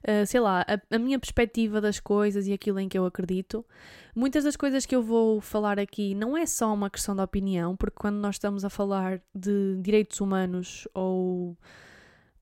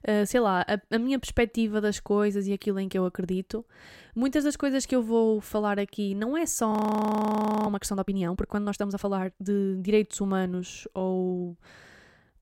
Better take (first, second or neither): first